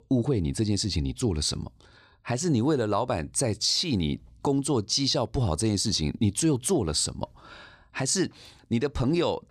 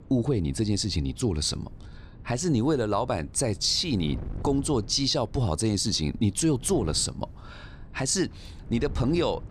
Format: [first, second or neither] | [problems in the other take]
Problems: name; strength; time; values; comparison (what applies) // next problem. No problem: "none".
first | wind noise on the microphone; occasional gusts; 25 dB below the speech